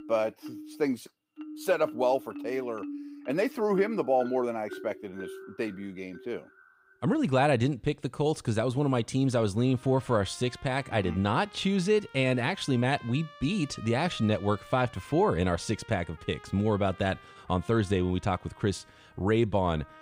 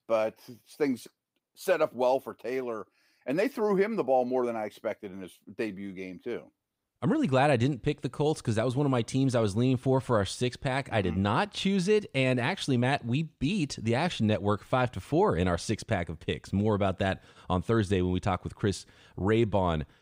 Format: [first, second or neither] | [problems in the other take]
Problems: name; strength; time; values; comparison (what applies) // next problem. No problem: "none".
second | background music; noticeable; throughout; 20 dB below the speech